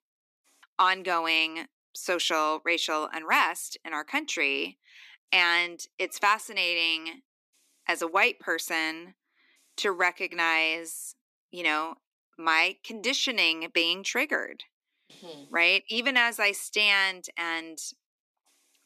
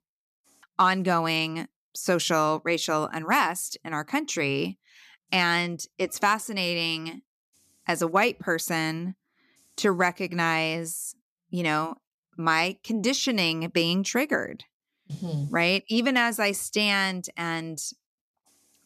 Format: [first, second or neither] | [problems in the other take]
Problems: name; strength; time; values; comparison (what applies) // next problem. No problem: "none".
second | thin; somewhat; fading below 300 Hz